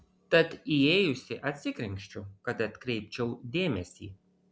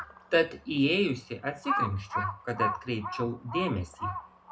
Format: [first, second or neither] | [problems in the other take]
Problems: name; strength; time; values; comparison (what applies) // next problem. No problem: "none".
first | background sound (Crow); 5 dB below the speech // room echo; dies away in 0.2 s